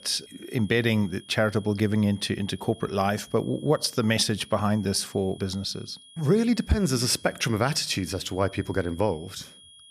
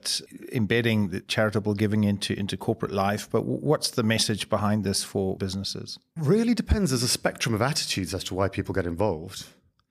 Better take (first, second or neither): second